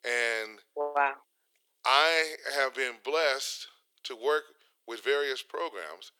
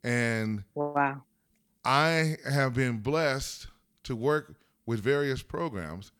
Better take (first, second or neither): second